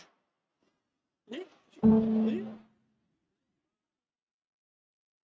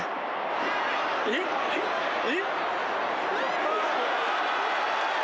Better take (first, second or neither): second